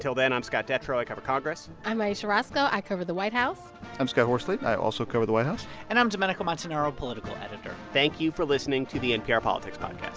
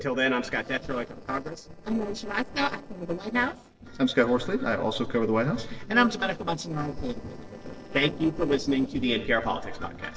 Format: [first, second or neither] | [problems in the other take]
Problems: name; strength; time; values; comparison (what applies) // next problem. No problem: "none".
first | noise reduction (neural separator model SepFormer DNS4)